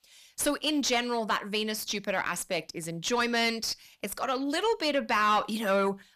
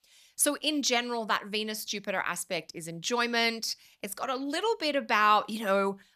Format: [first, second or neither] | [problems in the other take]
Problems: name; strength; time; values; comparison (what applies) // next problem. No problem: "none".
second | distortion; slight; 10 dB below the speech